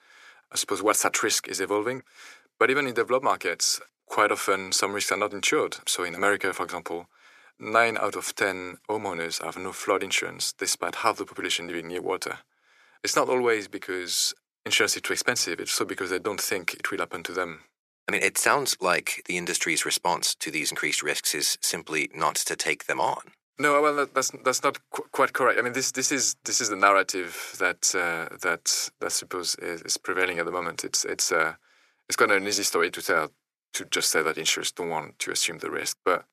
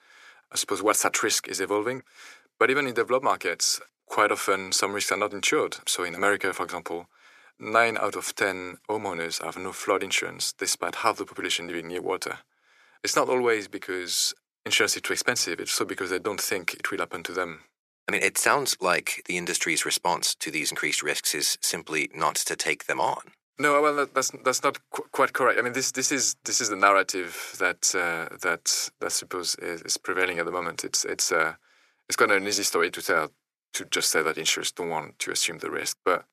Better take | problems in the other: neither | thin; very; fading below 600 Hz; the same in both

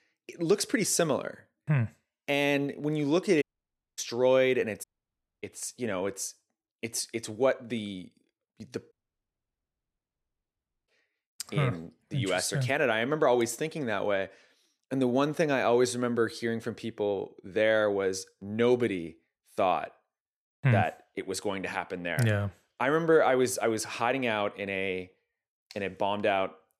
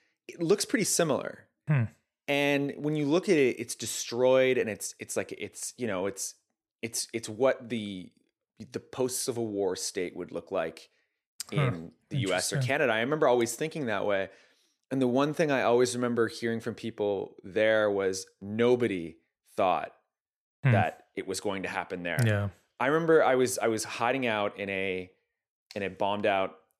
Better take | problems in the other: second | audio cutting out; at 3.5 s for 0.5 s, at 5 s for 0.5 s and at 9 s for 2 s

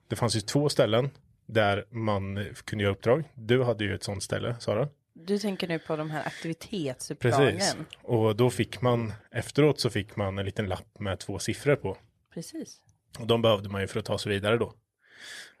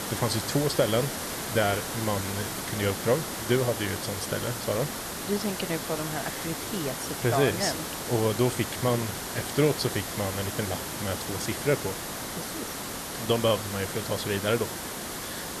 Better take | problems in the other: first | hiss; loud; throughout; 4 dB below the speech

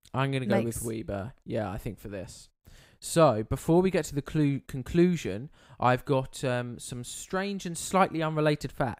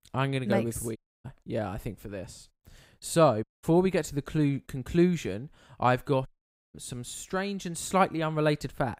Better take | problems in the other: first | audio cutting out; at 1 s, at 3.5 s and at 6.5 s

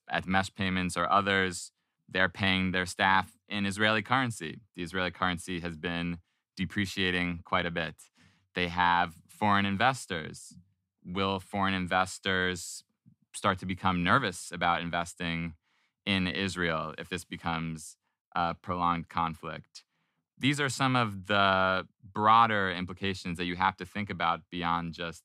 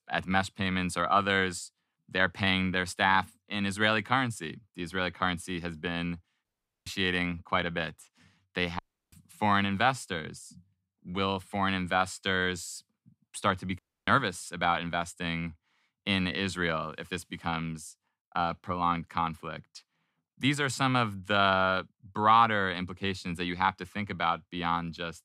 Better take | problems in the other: first | audio cutting out; at 6.5 s, at 9 s and at 14 s

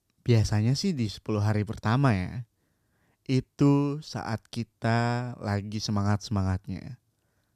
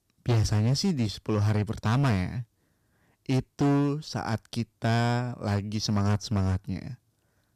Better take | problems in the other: first | distortion; slight; 9% of the sound clipped

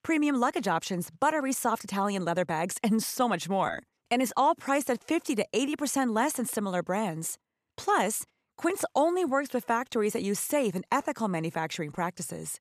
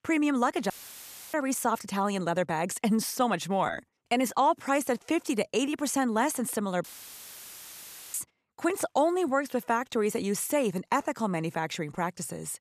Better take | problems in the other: first | audio cutting out; filled with static; at 0.5 s for 0.5 s and at 7 s for 1.5 s

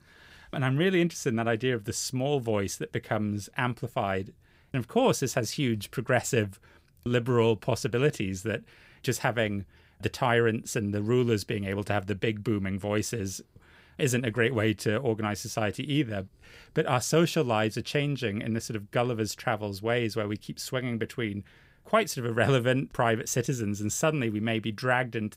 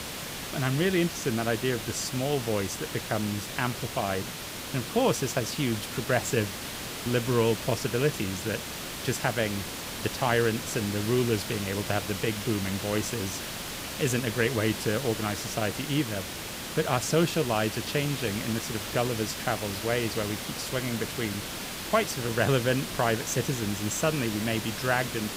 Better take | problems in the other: first | hiss; loud; throughout; 5 dB below the speech

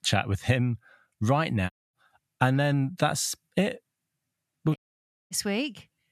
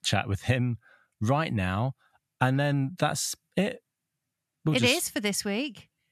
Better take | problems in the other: second | audio cutting out; at 1.5 s and at 5 s for 0.5 s

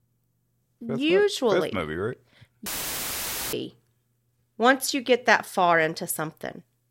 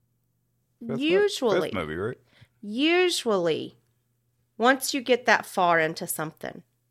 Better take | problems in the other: second | audio cutting out; filled with static; at 2.5 s for 1 s

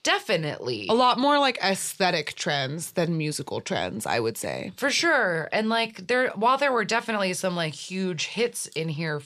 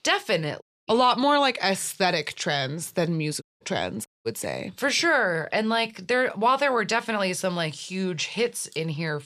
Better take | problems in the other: first | audio cutting out; at 0.5 s, at 3.5 s and at 4 s

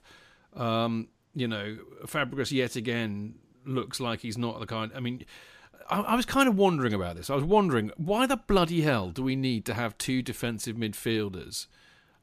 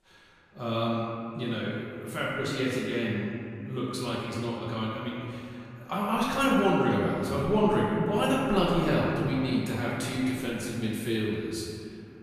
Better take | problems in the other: first | room echo; noticeable; dies away in 2.3 s // off-mic speech; far

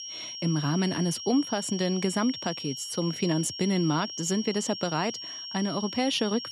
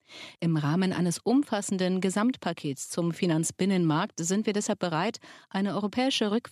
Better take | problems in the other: second | high-pitched whine; loud; throughout; 5.5 kHz, 7 dB below the speech

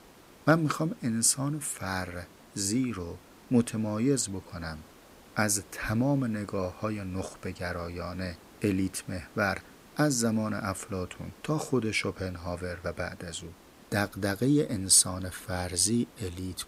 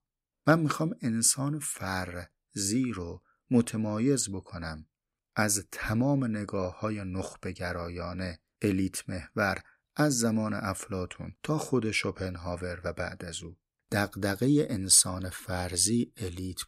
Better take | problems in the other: second | hiss; faint; throughout; 25 dB below the speech

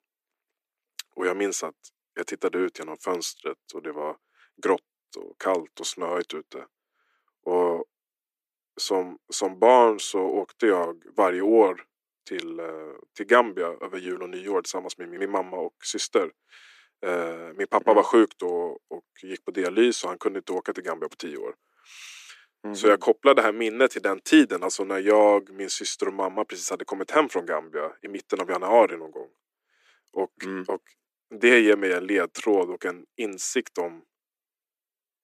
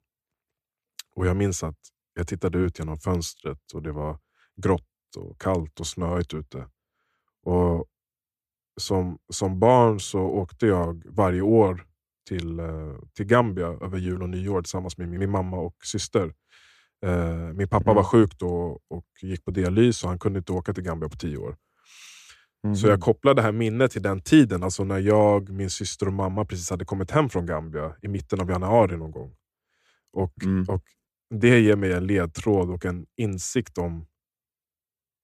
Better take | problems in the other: second | thin; somewhat; fading below 300 Hz

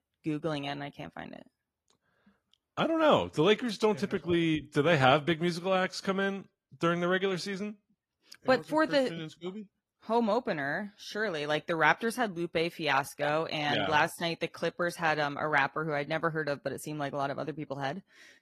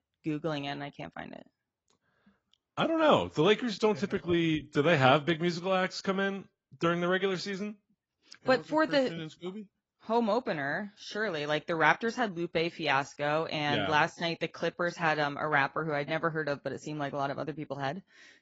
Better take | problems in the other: first | garbled, watery; badly; nothing above 7.5 kHz; slightly in the first

